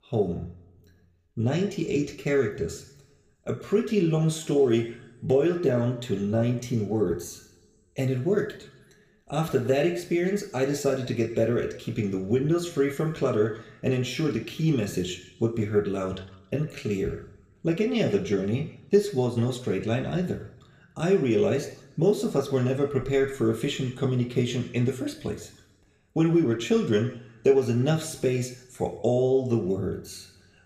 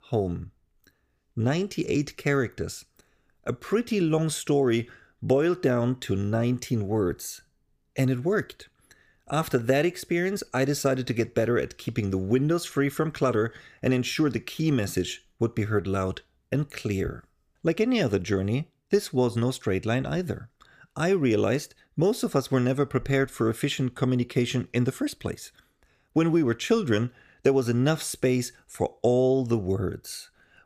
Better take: second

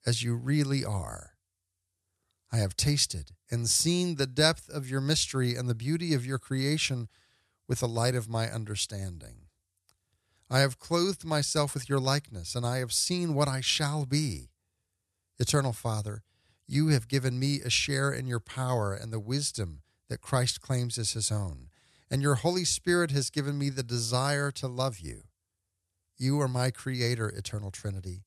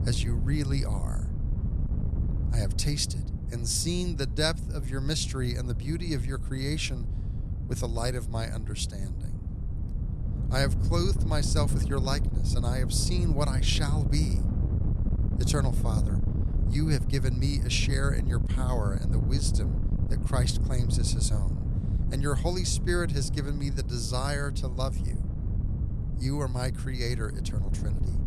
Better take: first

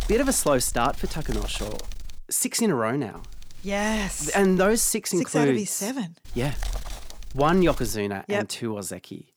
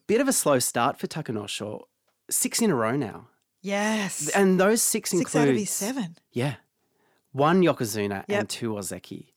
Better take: second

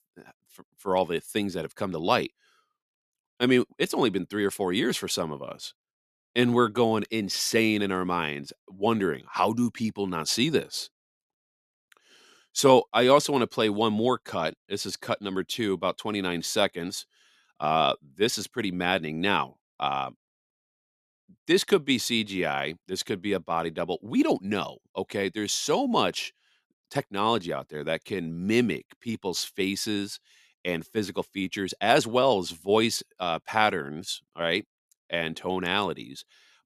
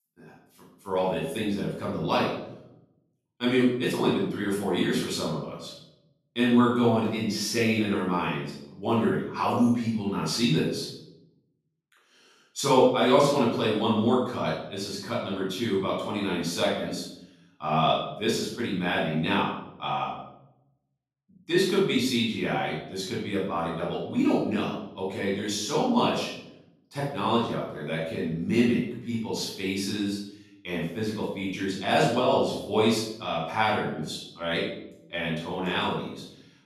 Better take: first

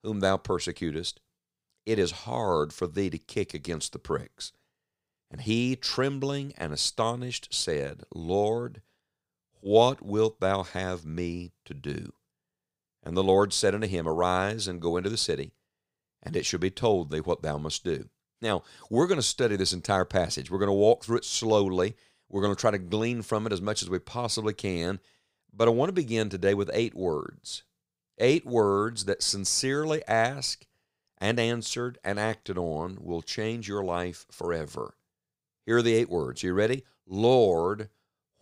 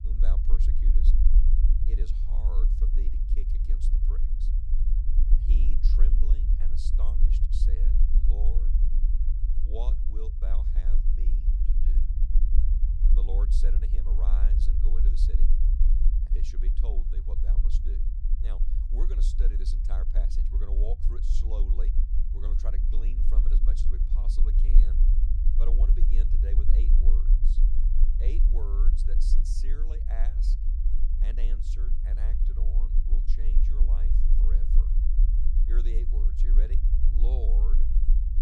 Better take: first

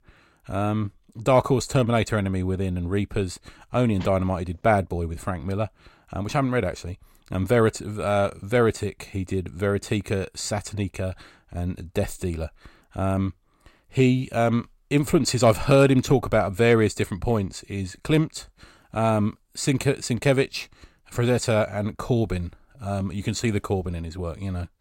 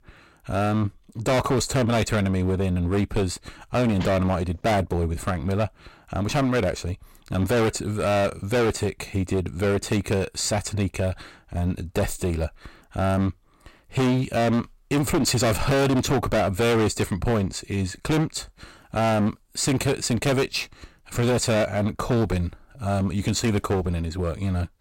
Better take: first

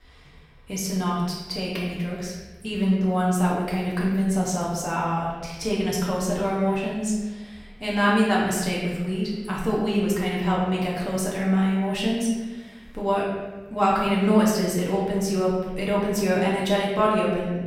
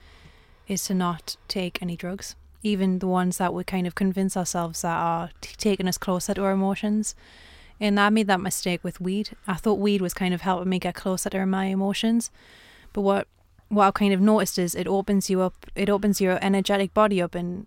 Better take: second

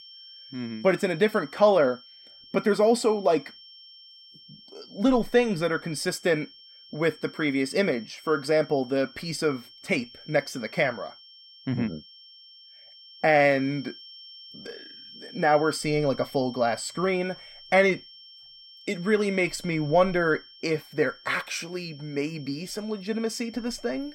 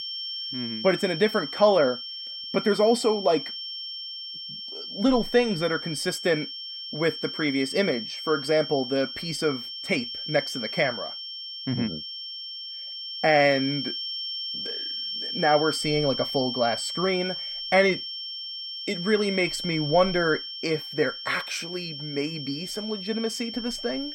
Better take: first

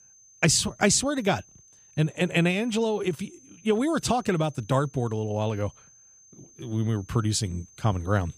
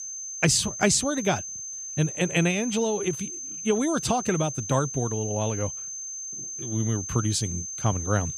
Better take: first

